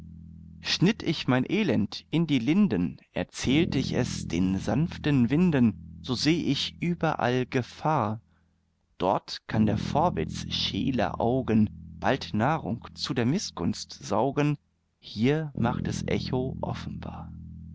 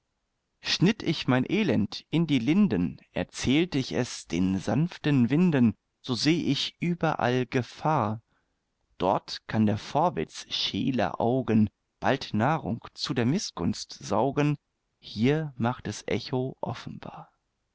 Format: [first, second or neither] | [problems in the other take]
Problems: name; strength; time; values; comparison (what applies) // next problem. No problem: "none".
second | background sound (Bass guitar); 12 dB below the speech